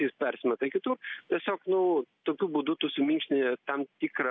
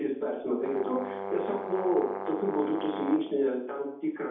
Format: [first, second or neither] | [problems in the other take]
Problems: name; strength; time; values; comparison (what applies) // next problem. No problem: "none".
first | background sound (Brass instrument); 7 dB below the speech // room echo; dies away in 0.8 s